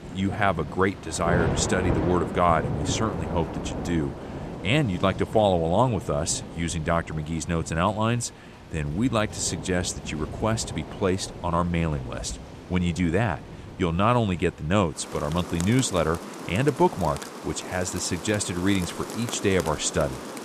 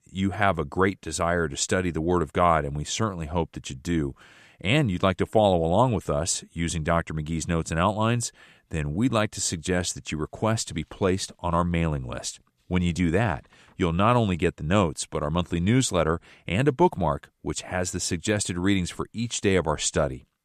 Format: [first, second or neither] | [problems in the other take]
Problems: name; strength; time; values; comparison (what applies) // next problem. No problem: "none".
second | rain or running water; loud; throughout; 9 dB below the speech